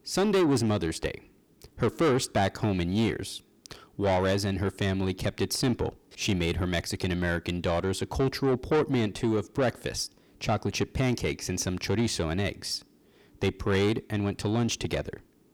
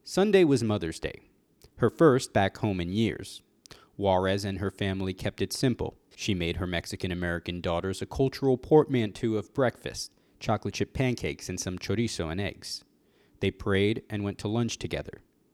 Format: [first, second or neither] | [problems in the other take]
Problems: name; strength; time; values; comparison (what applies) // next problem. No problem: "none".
second | distortion; heavy; 8 dB below the speech